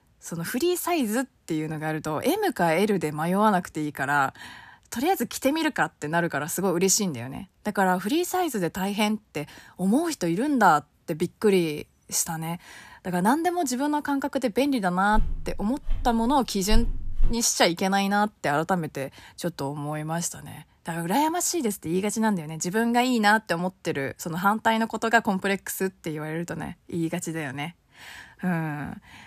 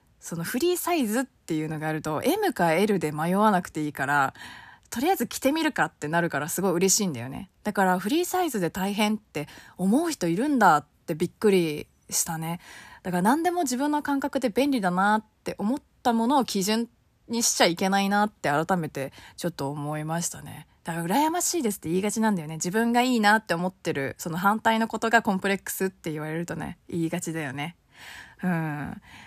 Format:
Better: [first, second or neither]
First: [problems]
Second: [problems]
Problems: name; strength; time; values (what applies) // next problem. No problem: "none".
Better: second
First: footsteps; noticeable; from 15 to 17 s; peak 6 dB below the speech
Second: none